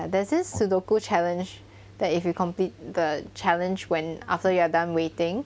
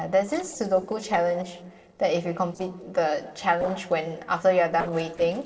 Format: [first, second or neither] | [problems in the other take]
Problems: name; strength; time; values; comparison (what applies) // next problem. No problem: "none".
first | noise reduction (neural separator model SepFormer DNS4)